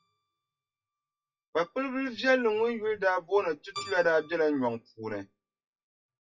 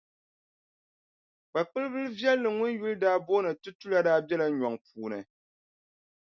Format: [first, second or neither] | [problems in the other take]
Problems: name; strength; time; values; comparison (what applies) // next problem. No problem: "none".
second | noise reduction (classical method WPE with log-MMSE)